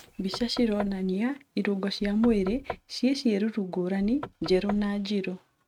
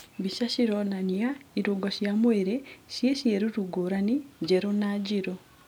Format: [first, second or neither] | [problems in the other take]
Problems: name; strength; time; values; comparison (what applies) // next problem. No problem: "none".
second | noise reduction (neural mask model RNNoise)